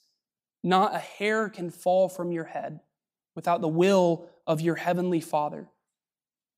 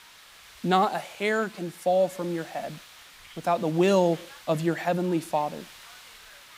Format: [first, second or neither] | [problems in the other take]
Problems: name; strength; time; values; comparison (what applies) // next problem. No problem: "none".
first | hiss; noticeable; throughout; 20 dB below the speech